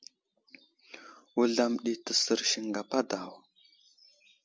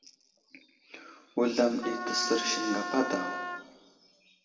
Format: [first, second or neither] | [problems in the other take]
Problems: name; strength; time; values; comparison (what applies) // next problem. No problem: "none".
first | background sound (Wind instrument, woodwind instrument); 4 dB below the speech // room echo; dies away in 1.6 s